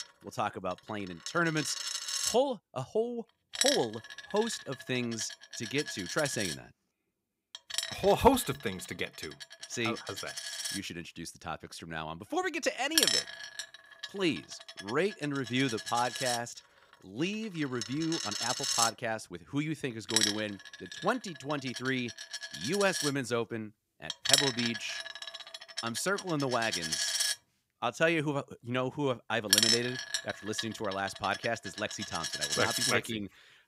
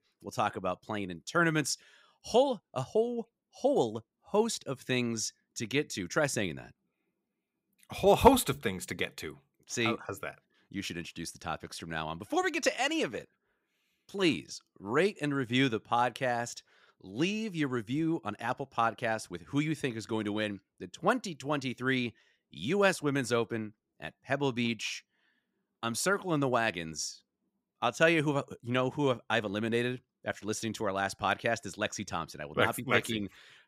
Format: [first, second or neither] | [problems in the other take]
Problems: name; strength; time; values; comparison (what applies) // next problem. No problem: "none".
second | household noises; very loud; throughout; 1 dB above the speech